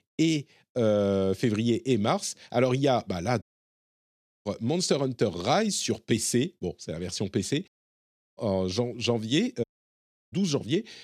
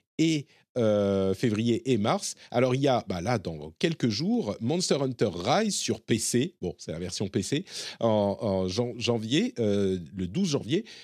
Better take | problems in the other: second | audio cutting out; at 3.5 s for 1 s, at 7.5 s for 0.5 s and at 9.5 s for 0.5 s

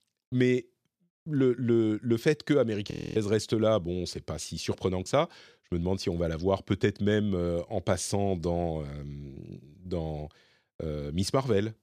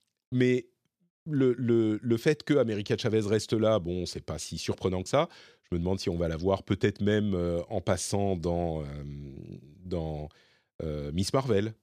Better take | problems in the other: second | audio freezing; at 3 s

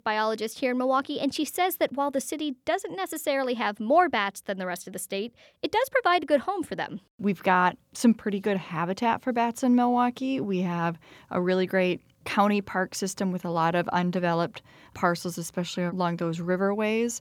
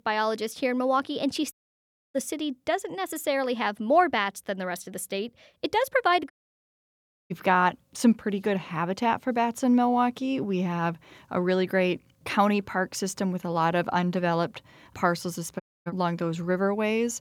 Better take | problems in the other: first | audio cutting out; at 1.5 s for 0.5 s, at 6.5 s for 1 s and at 16 s

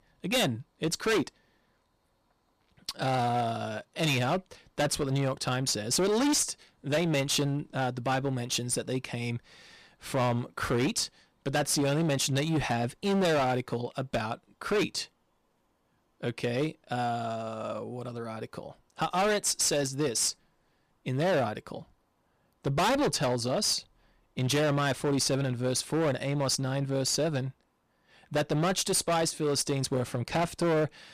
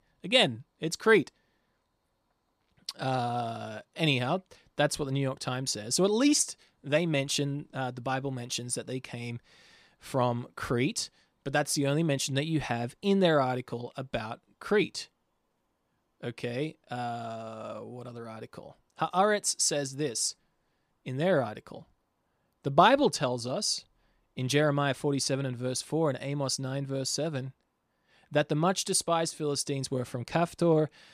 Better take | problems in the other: second | distortion; heavy; 13% of the sound clipped

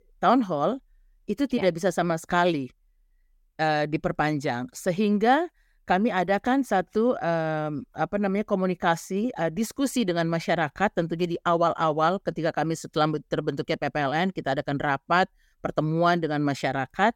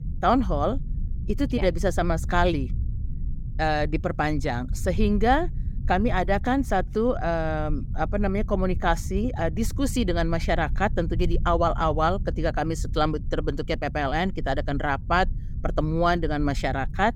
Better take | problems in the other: first | low rumble; faint; throughout; 20 dB below the speech

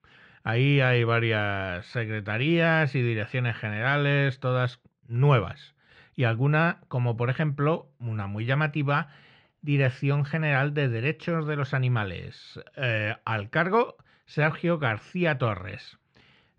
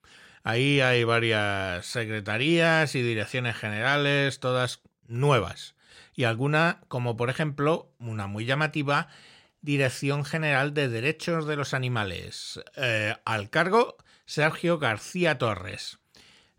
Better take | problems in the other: second | muffled; slightly; fading above 2.5 kHz

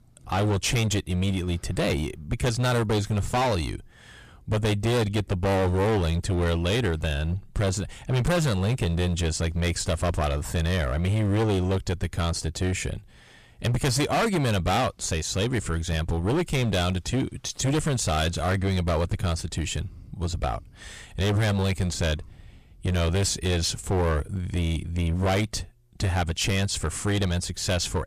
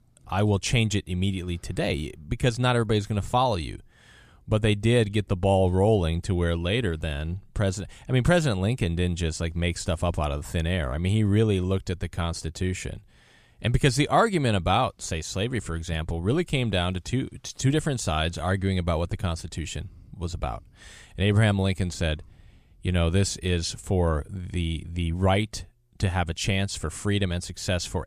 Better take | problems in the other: second | distortion; heavy; 20% of the sound clipped

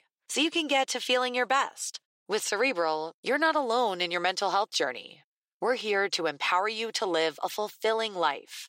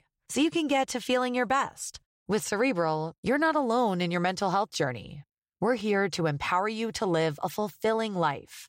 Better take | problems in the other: second | thin; somewhat; fading below 350 Hz

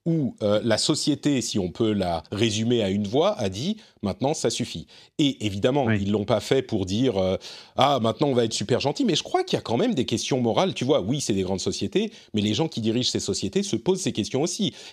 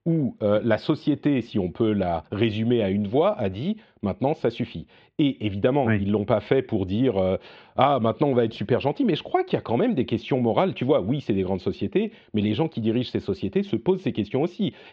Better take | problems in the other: first | muffled; very; fading above 2.5 kHz

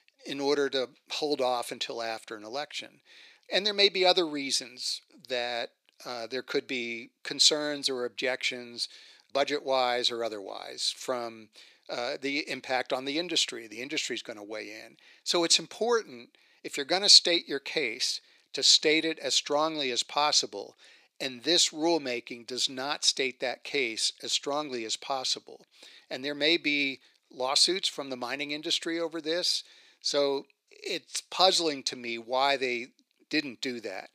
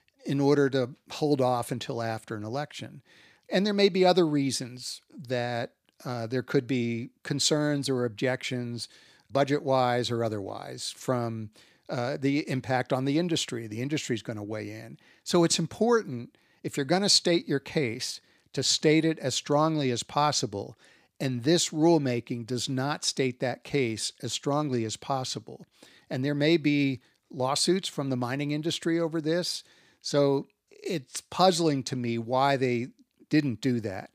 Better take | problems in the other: second | thin; somewhat; fading below 450 Hz

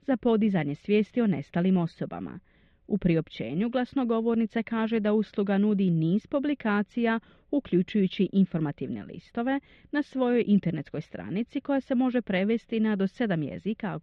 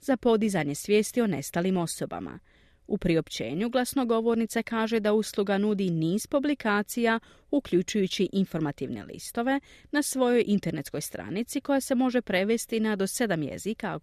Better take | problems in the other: second | muffled; very; fading above 3 kHz

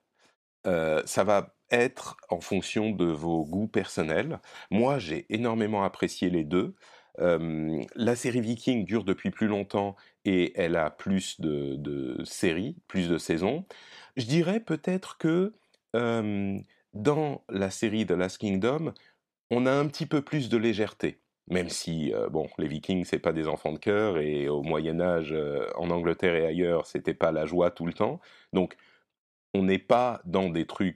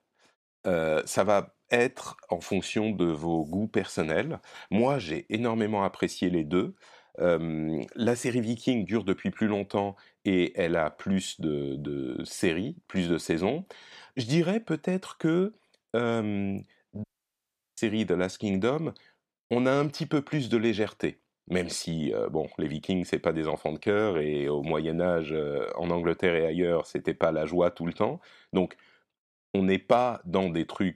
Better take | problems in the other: first | audio cutting out; at 17 s for 0.5 s

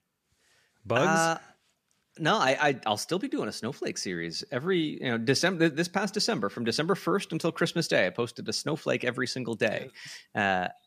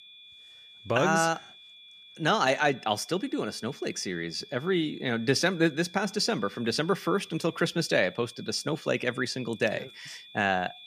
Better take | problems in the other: first | high-pitched whine; faint; throughout; 3.5 kHz, 20 dB below the speech

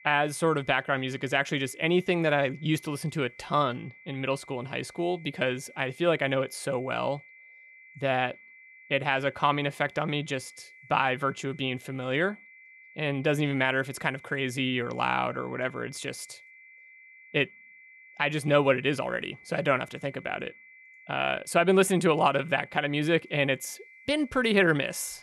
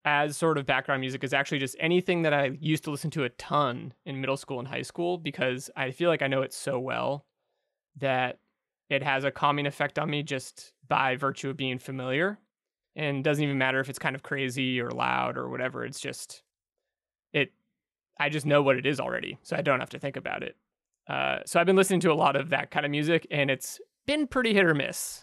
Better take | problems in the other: second | high-pitched whine; faint; throughout; 2 kHz, 25 dB below the speech

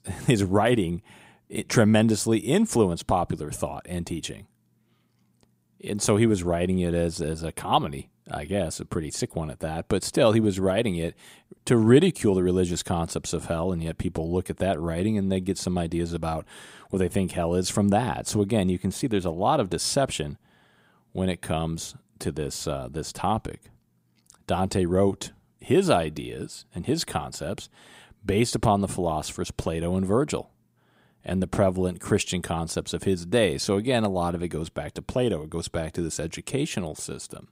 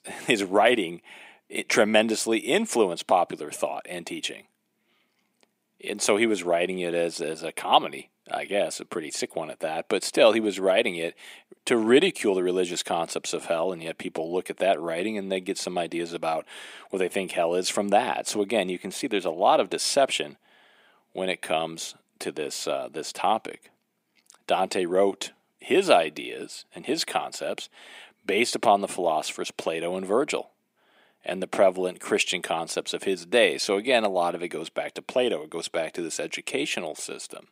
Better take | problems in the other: first | thin; somewhat; fading below 250 Hz

